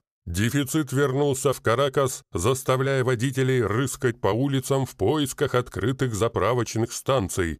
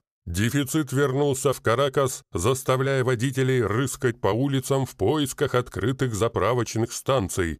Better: neither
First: none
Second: none

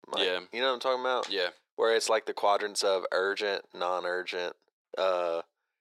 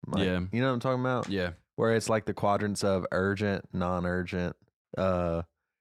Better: second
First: thin; very; fading below 400 Hz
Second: none

